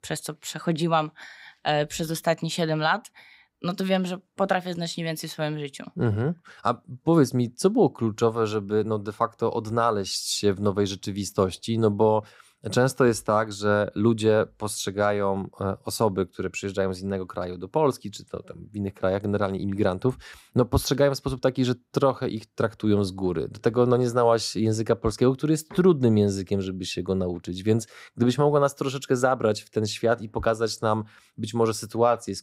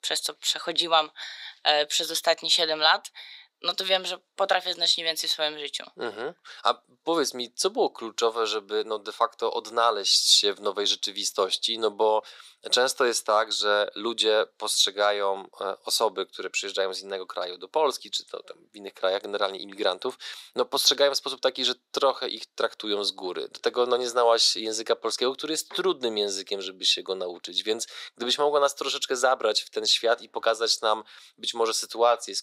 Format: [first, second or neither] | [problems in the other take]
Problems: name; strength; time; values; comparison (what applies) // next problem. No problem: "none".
first | thin; very; fading below 450 Hz